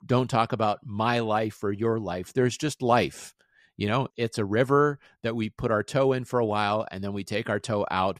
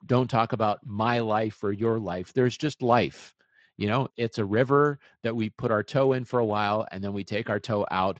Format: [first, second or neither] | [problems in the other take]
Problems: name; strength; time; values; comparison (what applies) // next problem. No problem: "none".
first | garbled, watery; slightly; nothing above 7.5 kHz